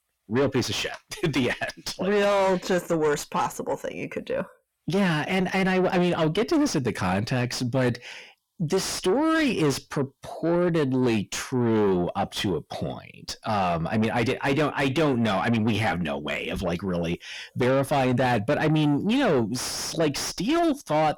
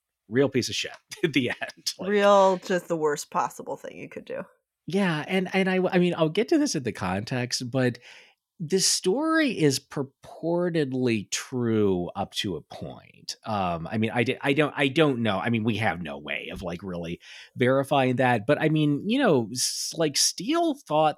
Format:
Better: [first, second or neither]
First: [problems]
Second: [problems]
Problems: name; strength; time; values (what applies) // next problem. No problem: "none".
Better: second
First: distortion; heavy; 6 dB below the speech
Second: none